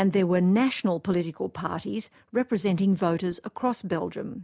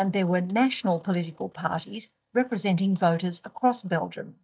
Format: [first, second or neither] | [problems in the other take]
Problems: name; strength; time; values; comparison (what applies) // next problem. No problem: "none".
first | noise reduction (neural mask model DeepFilterNet 3)